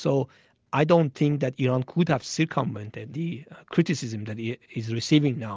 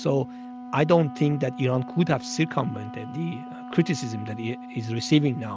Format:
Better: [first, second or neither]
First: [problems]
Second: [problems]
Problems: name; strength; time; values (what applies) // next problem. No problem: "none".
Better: first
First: none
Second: background sound (Wind instrument, woodwind instrument); 13 dB below the speech